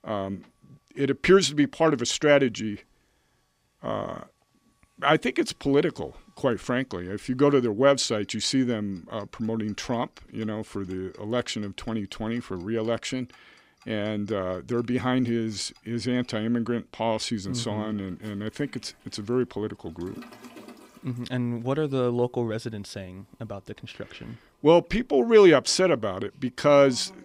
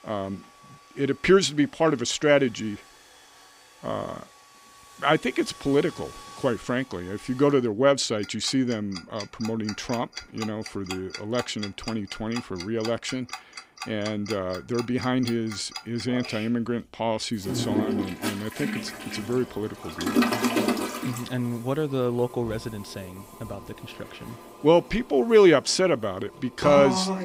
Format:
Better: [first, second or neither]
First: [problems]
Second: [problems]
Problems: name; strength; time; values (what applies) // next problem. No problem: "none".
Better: first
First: household noises; faint; throughout; 30 dB below the speech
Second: household noises; loud; throughout; 8 dB below the speech